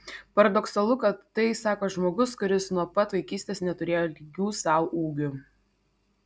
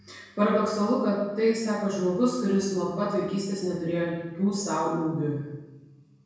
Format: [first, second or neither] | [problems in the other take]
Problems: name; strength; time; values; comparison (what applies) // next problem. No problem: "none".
first | room echo; dies away in 1 s